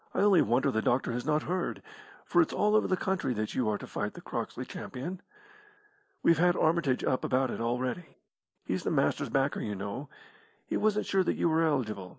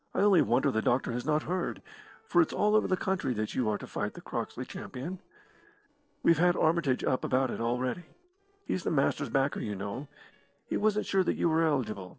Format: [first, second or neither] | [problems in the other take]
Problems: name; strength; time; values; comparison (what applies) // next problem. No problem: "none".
first | noise reduction (neural separator model SepFormer DNS4)